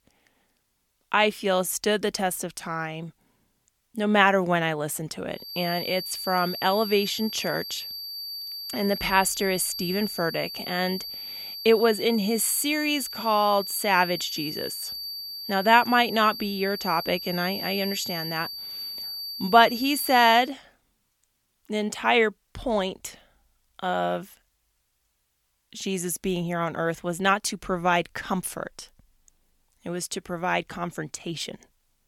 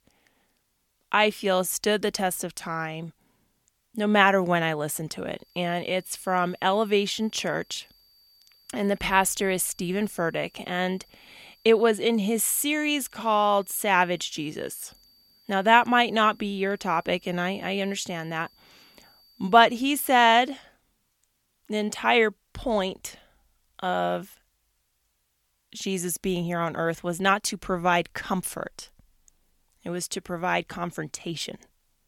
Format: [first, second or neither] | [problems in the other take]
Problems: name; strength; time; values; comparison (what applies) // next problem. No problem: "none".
second | high-pitched whine; loud; from 5.5 to 20 s; 4.5 kHz, 8 dB below the speech; faint in the second